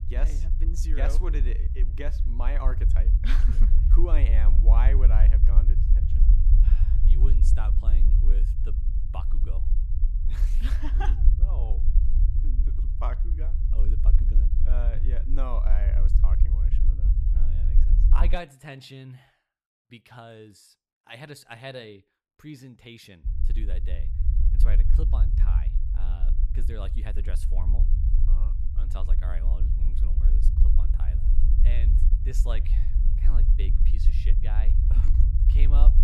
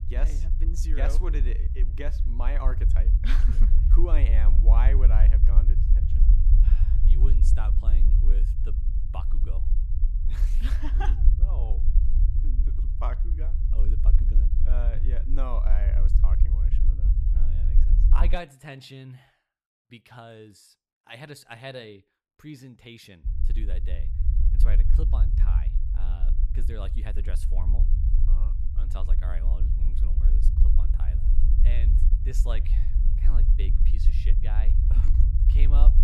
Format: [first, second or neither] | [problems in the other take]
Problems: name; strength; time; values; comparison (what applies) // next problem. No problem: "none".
neither | low rumble; loud; until 18 s and from 23 s on; 5 dB below the speech; the same in both